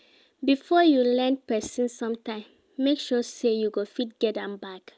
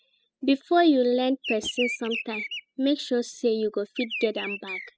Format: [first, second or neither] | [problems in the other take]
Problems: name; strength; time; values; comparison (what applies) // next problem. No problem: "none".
first | noise reduction (classical method spectral subtraction)